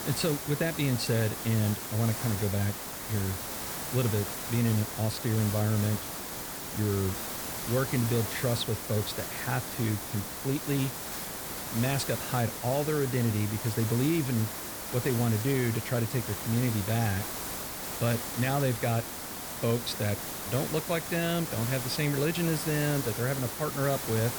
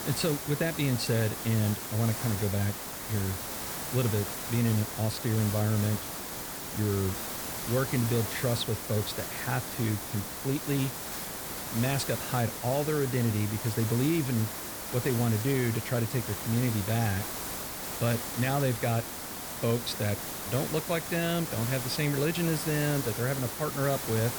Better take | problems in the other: neither | hiss; loud; throughout; 4 dB below the speech; the same in both

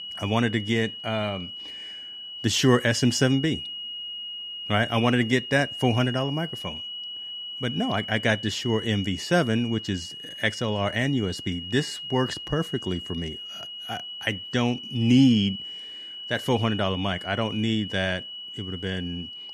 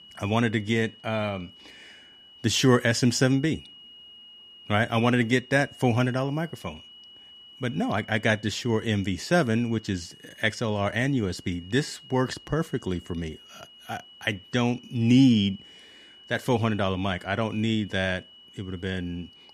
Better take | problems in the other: second | high-pitched whine; loud; throughout; 3 kHz, 9 dB below the speech; faint in the second

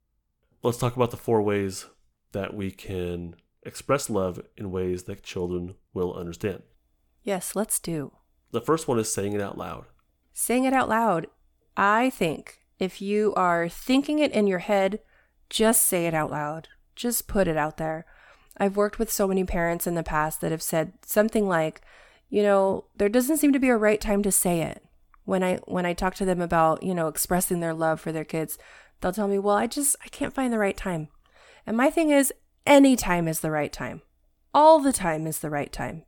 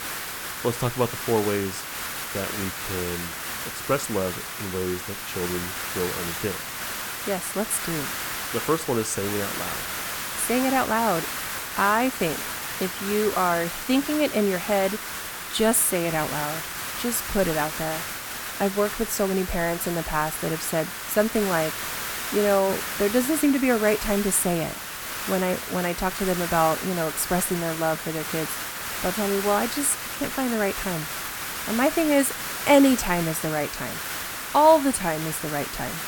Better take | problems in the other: first | hiss; loud; throughout; 5 dB below the speech

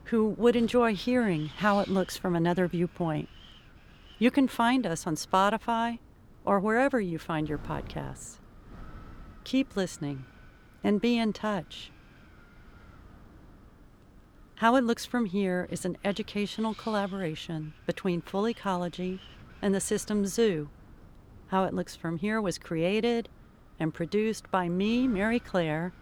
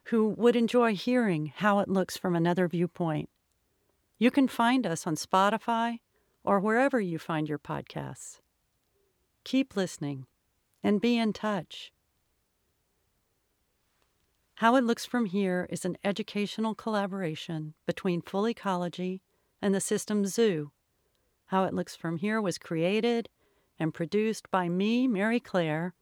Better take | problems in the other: second | wind noise on the microphone; occasional gusts; 25 dB below the speech

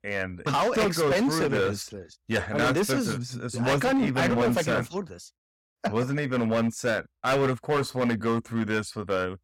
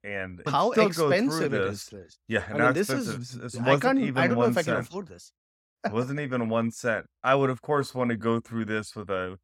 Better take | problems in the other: second | distortion; heavy; 14% of the sound clipped

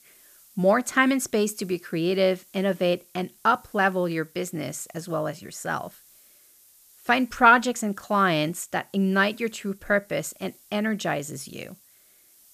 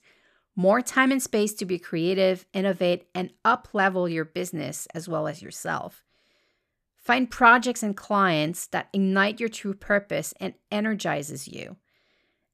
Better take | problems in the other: second | hiss; faint; throughout; 30 dB below the speech

